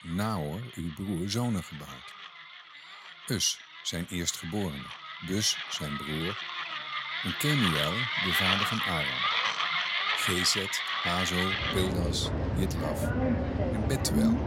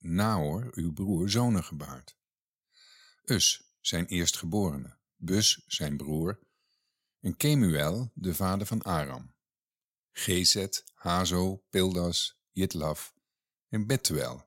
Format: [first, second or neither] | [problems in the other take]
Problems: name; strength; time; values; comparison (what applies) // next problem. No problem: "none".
second | machinery noise; very loud; throughout; 3 dB above the speech